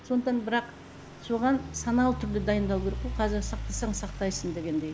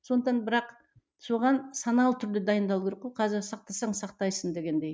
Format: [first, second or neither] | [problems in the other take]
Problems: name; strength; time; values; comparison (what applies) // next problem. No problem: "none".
second | background sound (Idling / Truck); 8 dB below the speech